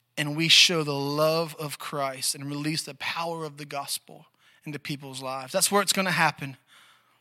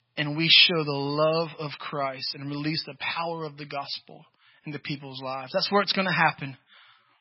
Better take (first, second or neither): first